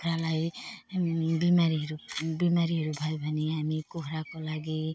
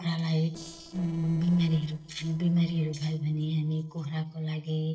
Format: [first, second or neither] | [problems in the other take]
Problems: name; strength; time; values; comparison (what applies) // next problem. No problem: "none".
first | noise reduction (neural separator model SepFormer DNS4)